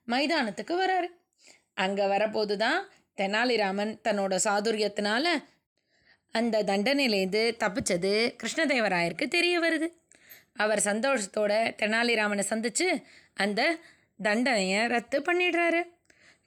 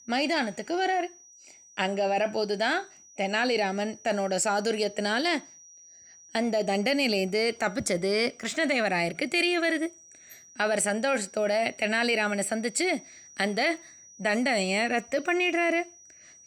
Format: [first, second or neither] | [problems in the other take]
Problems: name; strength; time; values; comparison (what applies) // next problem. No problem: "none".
first | high-pitched whine; faint; throughout; 6 kHz, 25 dB below the speech